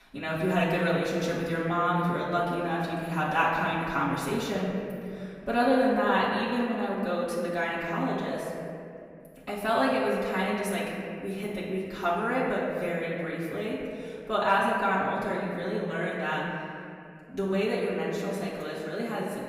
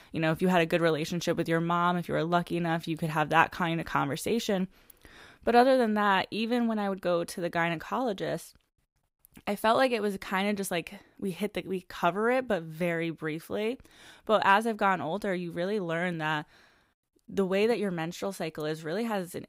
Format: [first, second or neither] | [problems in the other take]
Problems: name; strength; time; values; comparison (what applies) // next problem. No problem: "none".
second | room echo; noticeable; dies away in 2.4 s // off-mic speech; far